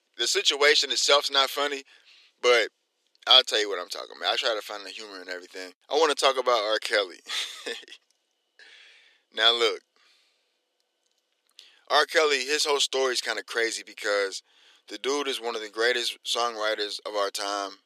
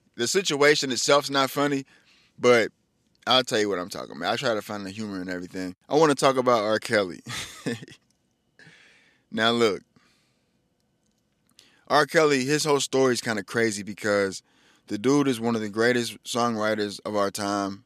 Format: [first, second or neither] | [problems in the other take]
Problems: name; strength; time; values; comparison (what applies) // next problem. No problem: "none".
second | thin; very; fading below 400 Hz